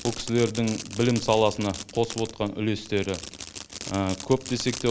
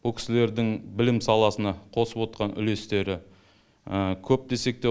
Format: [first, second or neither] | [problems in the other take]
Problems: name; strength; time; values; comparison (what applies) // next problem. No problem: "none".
second | background sound (Fireworks); 13 dB below the speech